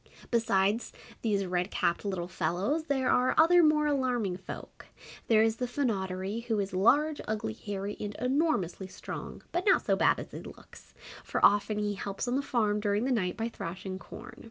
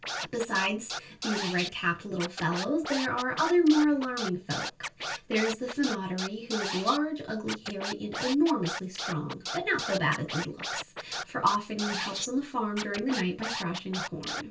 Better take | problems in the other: first | background sound (Scratching (performance technique)); 8 dB below the speech // room echo; dies away in 0.2 s

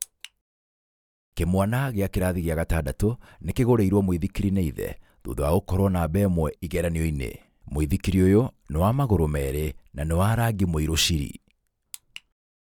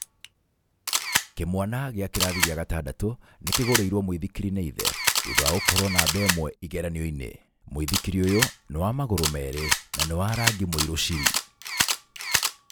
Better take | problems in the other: first | background sound (Camera); as loud as the speech

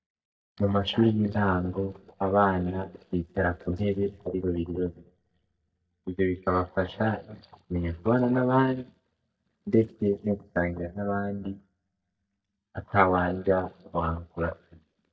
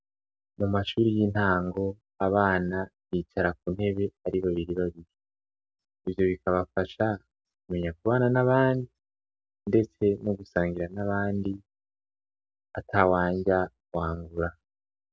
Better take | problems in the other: second | noise reduction (neural mask model DeepFilterNet 3)

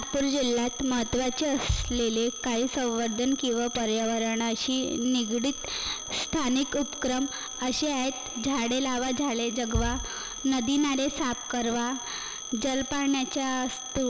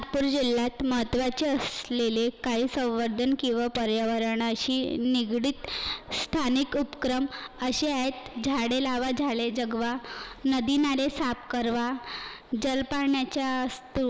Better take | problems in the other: second | background sound (Bass drum + Telephone); 8 dB below the speech

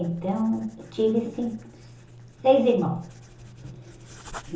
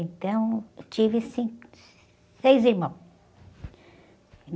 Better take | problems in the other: second | background sound (Writing); 19 dB below the speech // room echo; dies away in 0.6 s

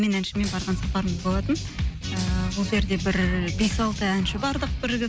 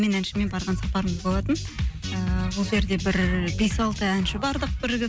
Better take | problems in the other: second | background sound (Shatter + Strum); 14 dB below the speech

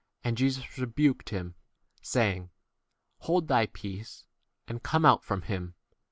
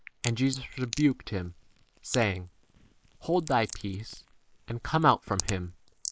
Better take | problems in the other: first | noise reduction (neural mask model Resemble Enhance denoiser)

